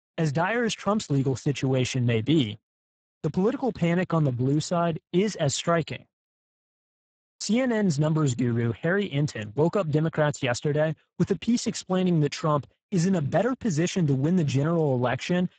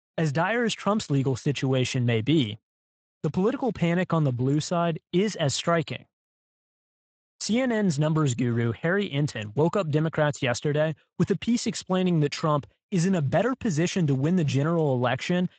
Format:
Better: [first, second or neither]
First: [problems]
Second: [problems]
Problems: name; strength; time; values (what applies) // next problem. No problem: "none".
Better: second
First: garbled, watery; badly; nothing above 8 kHz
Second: garbled, watery; slightly; nothing above 8 kHz